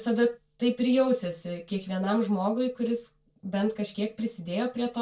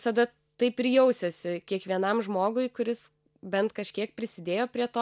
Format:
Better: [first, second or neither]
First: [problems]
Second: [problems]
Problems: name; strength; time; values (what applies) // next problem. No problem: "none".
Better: second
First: room echo; dies away in 0.2 s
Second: none